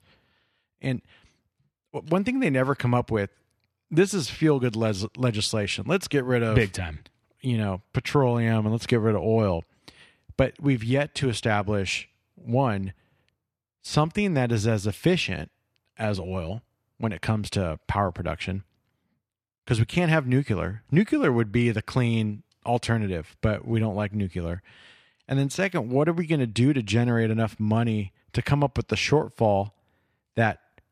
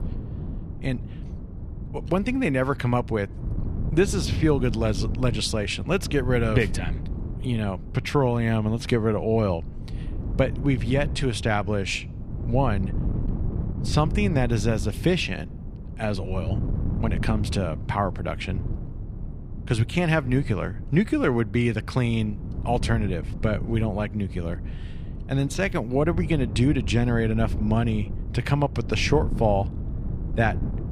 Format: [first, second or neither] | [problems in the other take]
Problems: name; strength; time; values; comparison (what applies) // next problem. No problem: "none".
first | wind noise on the microphone; occasional gusts; 15 dB below the speech